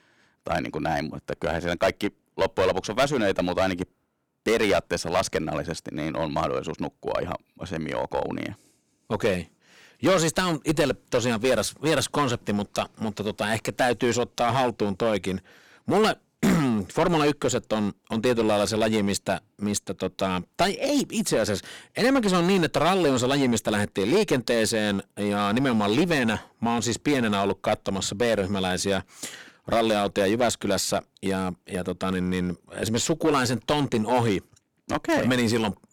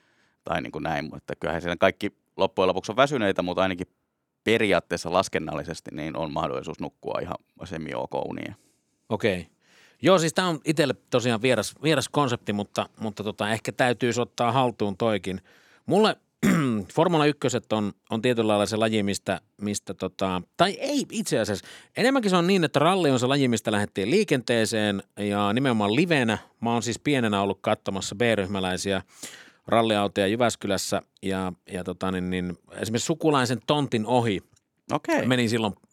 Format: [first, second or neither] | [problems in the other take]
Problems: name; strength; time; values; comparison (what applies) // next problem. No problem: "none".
second | distortion; heavy; 7% of the sound clipped